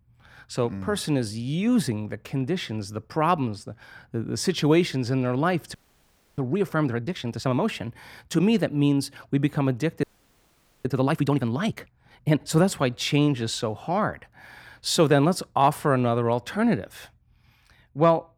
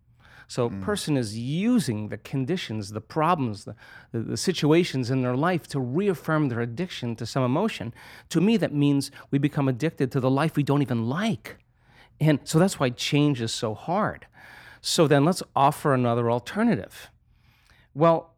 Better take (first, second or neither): second